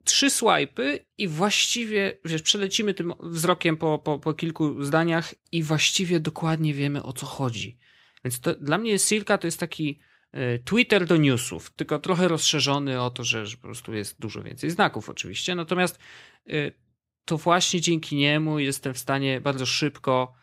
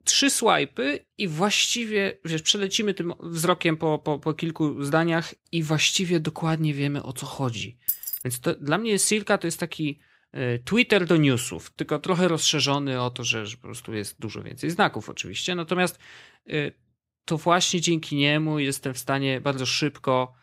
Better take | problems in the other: first | jangling keys; noticeable; at 8 s; peak 2 dB below the speech

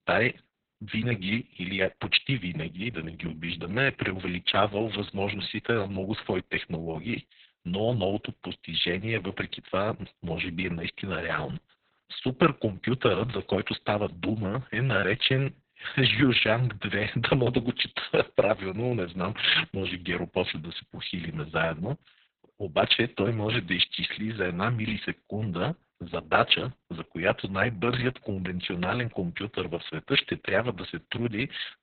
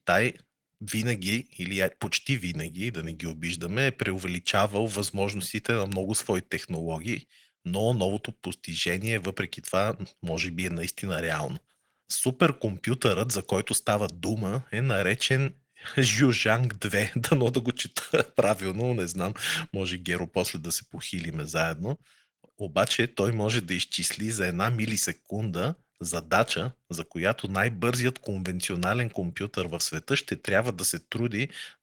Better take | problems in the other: second | garbled, watery; badly; nothing above 4 kHz; slightly in the second

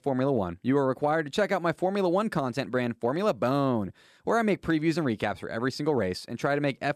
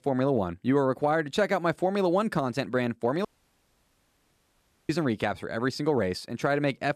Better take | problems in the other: first | audio cutting out; at 3.5 s for 1.5 s

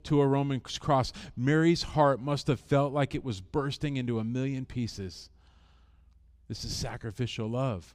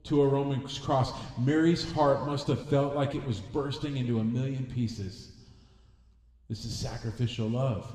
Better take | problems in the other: first | room echo; slight; dies away in 1.5 s

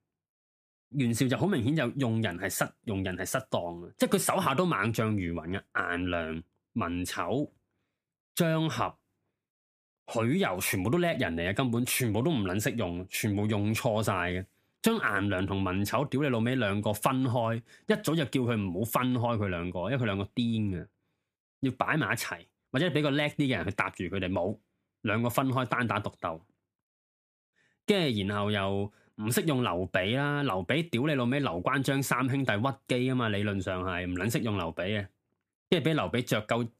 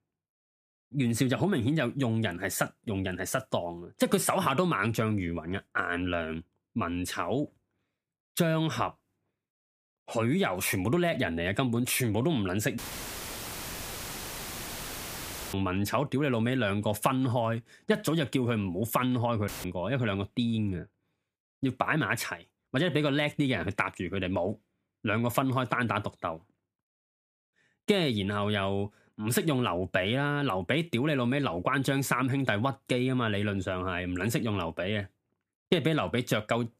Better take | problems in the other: first | audio cutting out; filled with static; at 13 s for 3 s and at 19 s

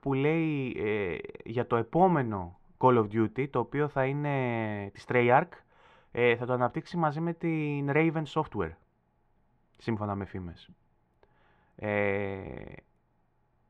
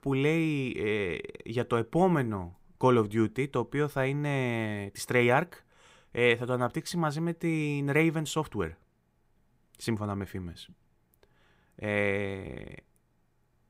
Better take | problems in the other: second | muffled; very; fading above 2.5 kHz

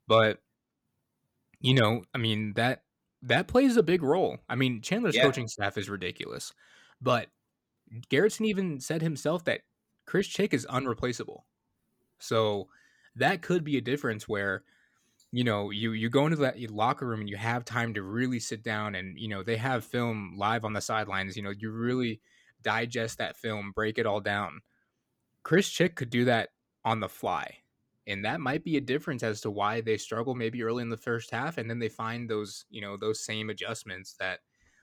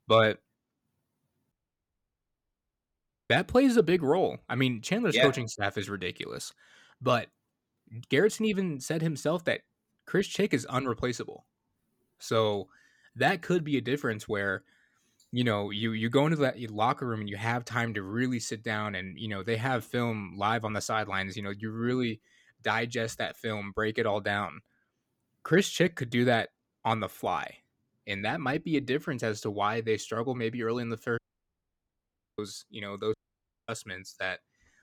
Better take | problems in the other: first | audio cutting out; at 1.5 s for 2 s, at 31 s for 1 s and at 33 s for 0.5 s

